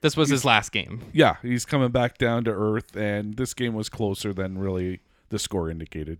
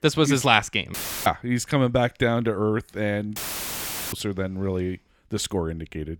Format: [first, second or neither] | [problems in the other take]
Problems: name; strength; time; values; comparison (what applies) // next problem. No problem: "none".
first | audio cutting out; filled with static; at 1 s and at 3.5 s for 1 s